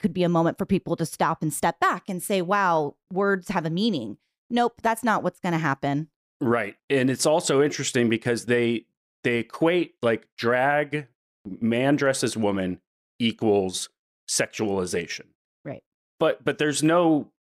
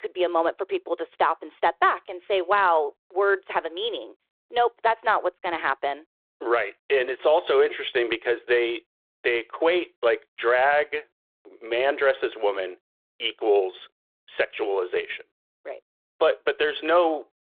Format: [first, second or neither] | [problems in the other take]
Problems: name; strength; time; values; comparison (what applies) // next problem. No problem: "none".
first | phone-call audio